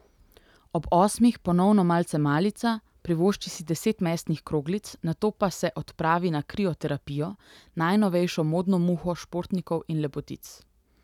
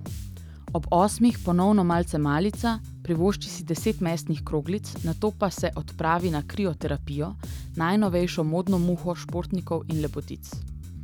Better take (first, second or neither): first